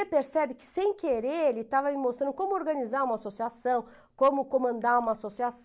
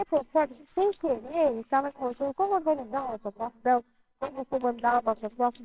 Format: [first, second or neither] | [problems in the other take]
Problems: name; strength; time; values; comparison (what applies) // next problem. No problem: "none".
first | noise reduction (neural separator model SepFormer WHAMR!)